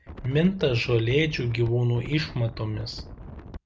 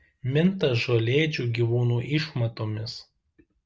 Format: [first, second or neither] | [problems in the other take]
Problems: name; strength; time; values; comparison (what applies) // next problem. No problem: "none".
second | background sound (Wind); 15 dB below the speech